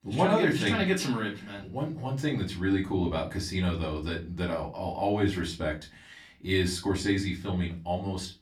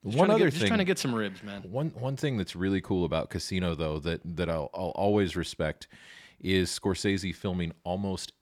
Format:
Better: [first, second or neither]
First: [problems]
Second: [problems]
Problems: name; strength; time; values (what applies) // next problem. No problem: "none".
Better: second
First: off-mic speech; far // room echo; very slight; dies away in 0.2 s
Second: none